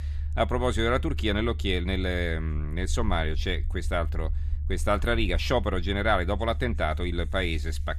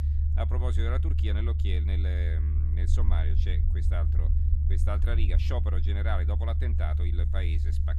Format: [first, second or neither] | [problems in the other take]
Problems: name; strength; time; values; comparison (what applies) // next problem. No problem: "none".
first | low rumble; loud; throughout; 5 dB below the speech; faint in the first